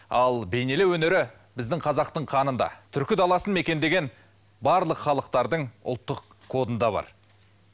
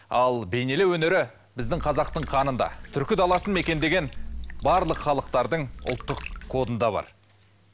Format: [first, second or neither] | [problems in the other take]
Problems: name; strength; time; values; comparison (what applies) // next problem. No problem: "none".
first | background sound (Water / Liquid); 10 dB below the speech